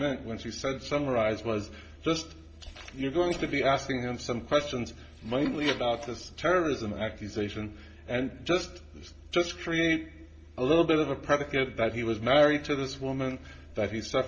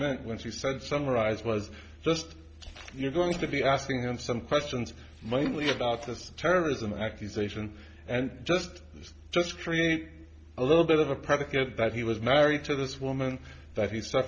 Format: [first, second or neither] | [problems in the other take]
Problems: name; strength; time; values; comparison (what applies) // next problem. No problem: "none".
second | room echo; dies away in 0.5 s